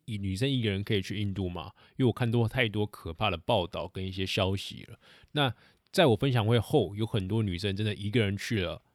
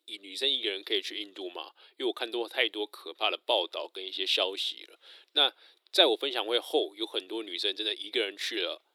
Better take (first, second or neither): first